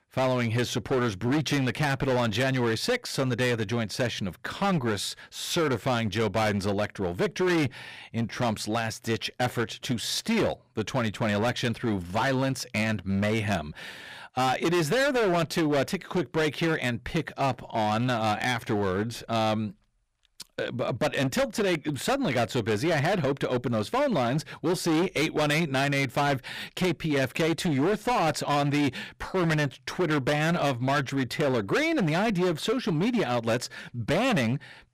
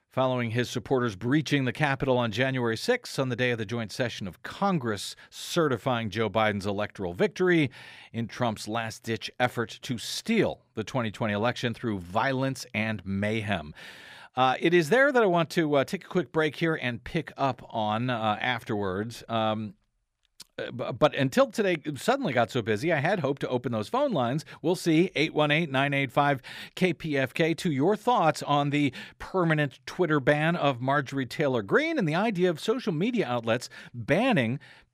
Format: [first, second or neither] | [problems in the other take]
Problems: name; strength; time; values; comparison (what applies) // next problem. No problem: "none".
second | distortion; heavy; 17% of the sound clipped